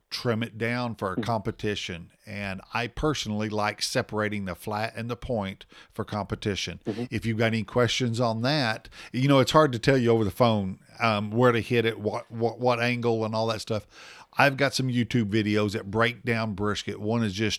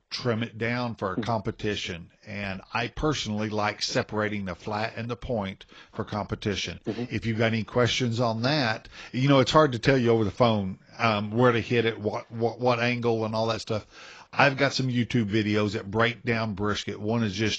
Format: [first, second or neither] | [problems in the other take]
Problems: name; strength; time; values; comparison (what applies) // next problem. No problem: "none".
first | garbled, watery; badly